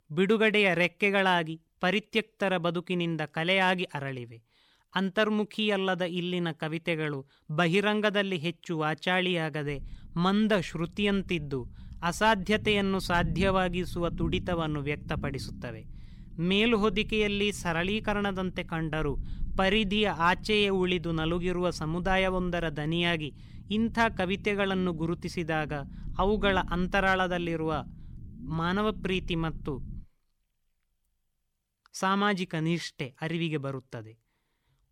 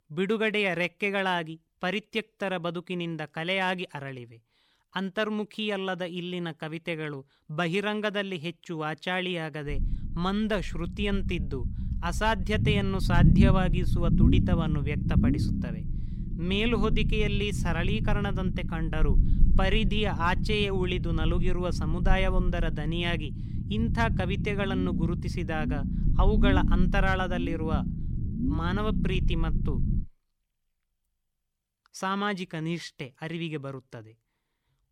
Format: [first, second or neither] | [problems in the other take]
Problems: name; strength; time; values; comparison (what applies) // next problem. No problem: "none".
first | low rumble; loud; from 9.5 to 30 s; 8 dB below the speech; faint in the first